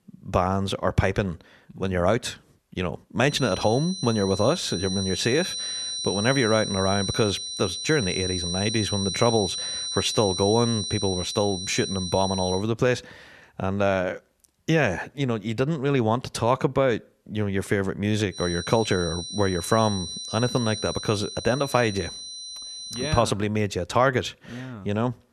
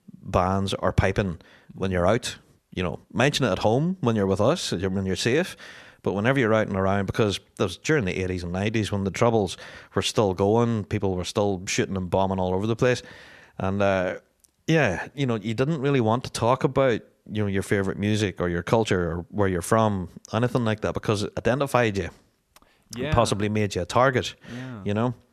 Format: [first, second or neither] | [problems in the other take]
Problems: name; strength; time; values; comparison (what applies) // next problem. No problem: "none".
second | high-pitched whine; loud; from 3.5 to 13 s and from 18 to 23 s; 4 kHz, 5 dB below the speech